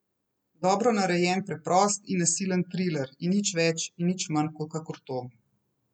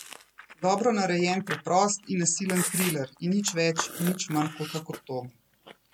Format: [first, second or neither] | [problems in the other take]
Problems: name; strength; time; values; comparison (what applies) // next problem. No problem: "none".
first | background sound (Chewing, mastication); 10 dB below the speech